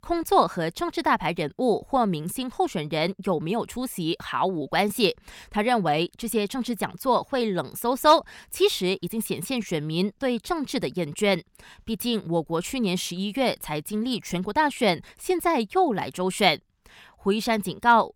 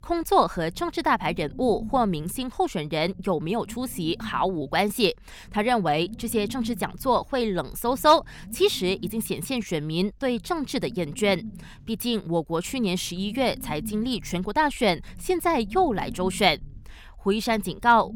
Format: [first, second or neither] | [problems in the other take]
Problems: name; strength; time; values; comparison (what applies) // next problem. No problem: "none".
first | low rumble; faint; throughout; 25 dB below the speech